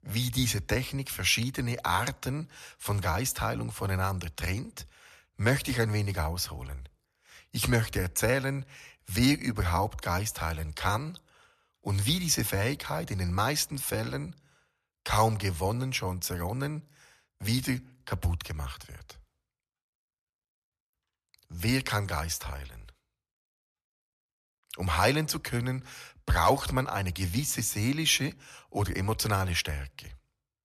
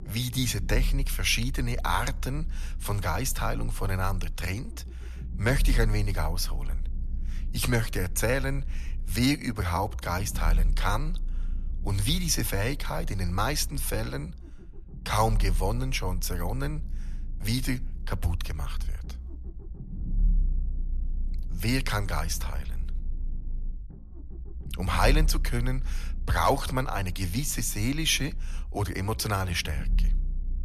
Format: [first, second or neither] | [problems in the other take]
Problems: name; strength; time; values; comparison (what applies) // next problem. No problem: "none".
first | low rumble; faint; throughout; 25 dB below the speech